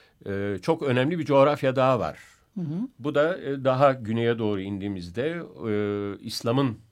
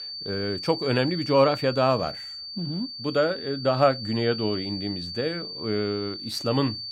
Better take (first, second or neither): first